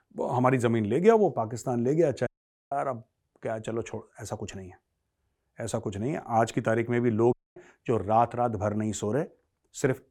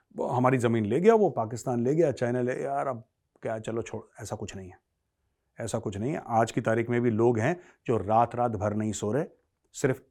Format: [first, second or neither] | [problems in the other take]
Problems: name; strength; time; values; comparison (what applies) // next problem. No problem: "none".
second | audio cutting out; at 2.5 s and at 7.5 s